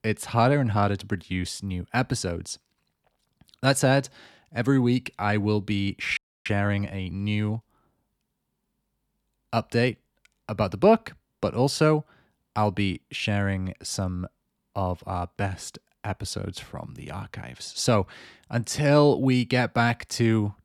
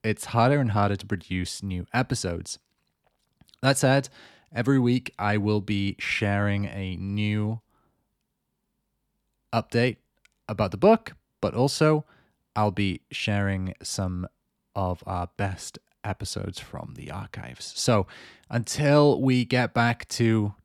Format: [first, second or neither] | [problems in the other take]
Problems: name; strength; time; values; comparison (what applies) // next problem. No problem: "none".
second | audio freezing; at 6 s